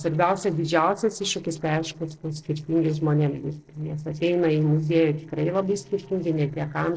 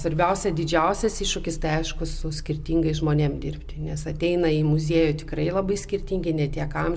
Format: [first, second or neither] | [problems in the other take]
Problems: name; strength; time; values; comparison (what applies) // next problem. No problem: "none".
second | noise reduction (neural separator model SepFormer DNS4)